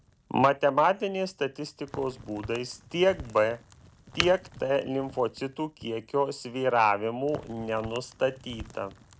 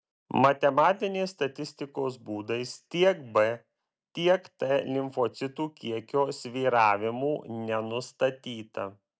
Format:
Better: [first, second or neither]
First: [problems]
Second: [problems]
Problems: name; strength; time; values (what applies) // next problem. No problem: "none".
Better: second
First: background sound (Crack); 15 dB below the speech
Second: none